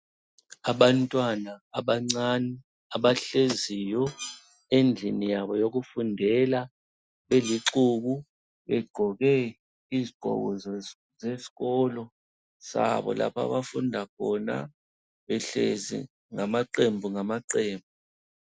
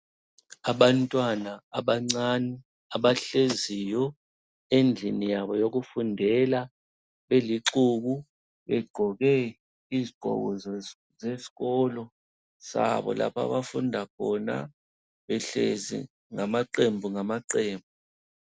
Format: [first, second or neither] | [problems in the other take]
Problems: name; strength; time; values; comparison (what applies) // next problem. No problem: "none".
second | noise reduction (classical method Wiener filter)